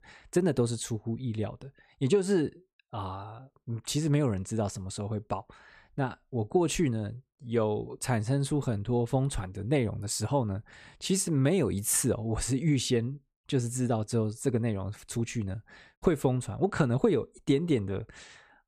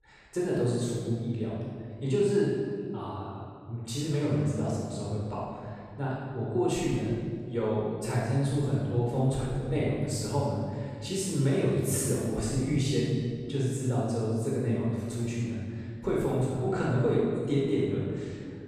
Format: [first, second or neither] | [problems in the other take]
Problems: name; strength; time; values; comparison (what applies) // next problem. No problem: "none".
first | room echo; strong; dies away in 1.9 s // off-mic speech; far